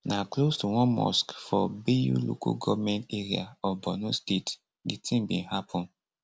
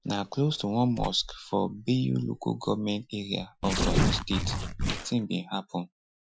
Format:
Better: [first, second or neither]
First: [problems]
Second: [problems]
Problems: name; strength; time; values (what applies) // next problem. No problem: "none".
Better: first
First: none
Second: noise reduction (classical method Wiener filter)